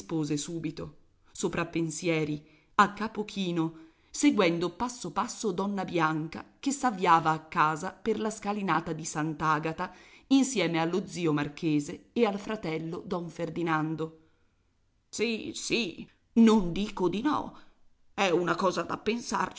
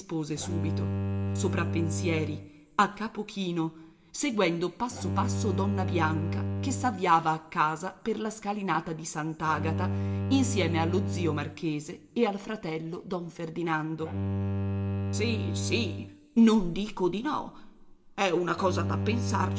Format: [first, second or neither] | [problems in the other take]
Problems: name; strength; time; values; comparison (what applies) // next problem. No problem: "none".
first | background sound (Bowed string instrument); 3 dB below the speech // room echo; dies away in 0.5 s